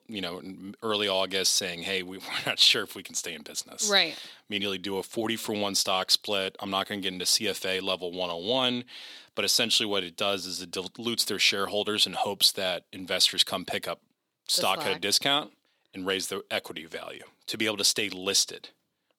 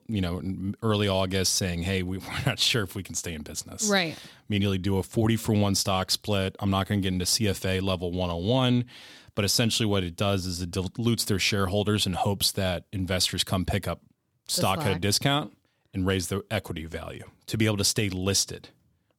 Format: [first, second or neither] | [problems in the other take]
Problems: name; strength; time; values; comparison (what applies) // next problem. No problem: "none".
second | thin; somewhat; fading below 350 Hz